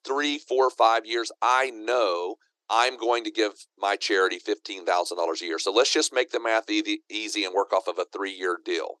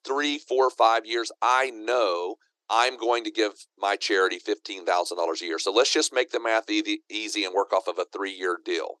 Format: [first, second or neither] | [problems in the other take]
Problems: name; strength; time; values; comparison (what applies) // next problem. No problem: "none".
neither | thin; very; fading below 300 Hz; the same in both